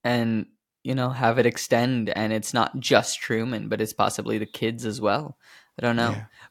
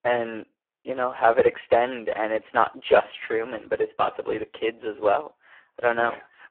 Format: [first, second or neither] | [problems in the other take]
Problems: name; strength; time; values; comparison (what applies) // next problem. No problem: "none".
first | phone-call audio; poor line